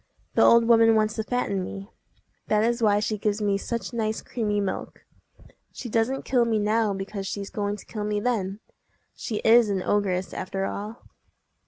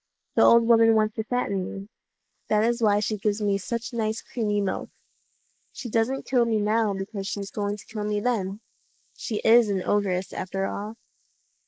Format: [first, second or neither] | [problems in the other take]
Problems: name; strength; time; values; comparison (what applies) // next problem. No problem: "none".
first | noise reduction (neural mask model Resemble Enhance denoiser)